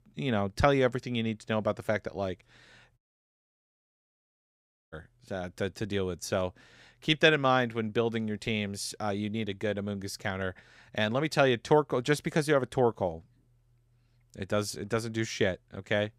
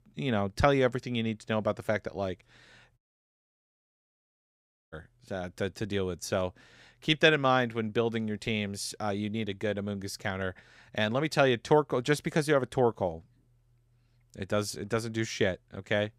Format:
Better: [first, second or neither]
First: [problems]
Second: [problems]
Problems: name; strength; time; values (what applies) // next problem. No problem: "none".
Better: neither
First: audio cutting out; at 3 s for 2 s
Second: audio cutting out; at 3 s for 2 s